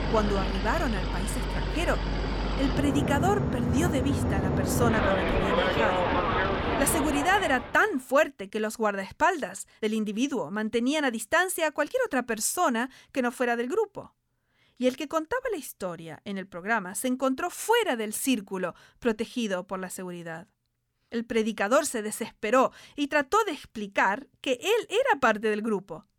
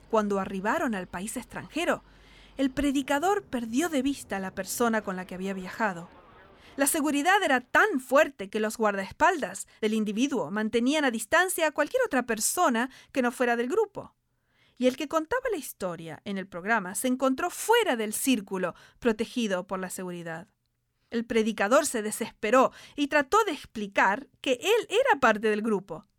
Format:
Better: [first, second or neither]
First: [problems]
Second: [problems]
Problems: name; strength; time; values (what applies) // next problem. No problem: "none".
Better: second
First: train or aircraft noise; loud; until 7 s; as loud as the speech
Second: train or aircraft noise; faint; until 7 s; 30 dB below the speech